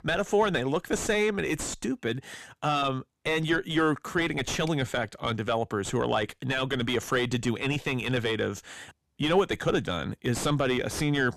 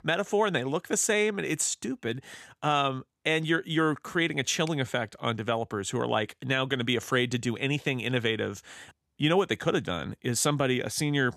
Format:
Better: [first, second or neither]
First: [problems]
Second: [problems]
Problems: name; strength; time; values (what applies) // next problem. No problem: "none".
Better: second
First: distortion; heavy; 6 dB below the speech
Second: none